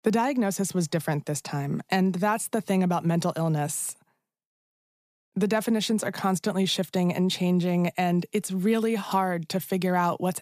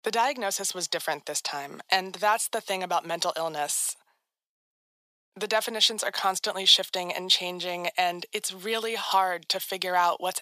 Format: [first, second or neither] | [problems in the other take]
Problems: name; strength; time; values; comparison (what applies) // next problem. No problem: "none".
first | thin; very; fading below 700 Hz